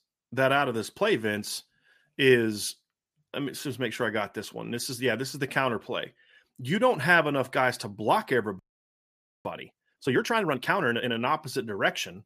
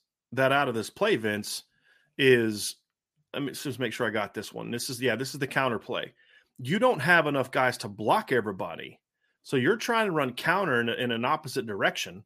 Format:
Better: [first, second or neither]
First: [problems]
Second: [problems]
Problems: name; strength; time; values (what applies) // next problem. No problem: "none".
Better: second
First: audio freezing; at 8.5 s for 1 s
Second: none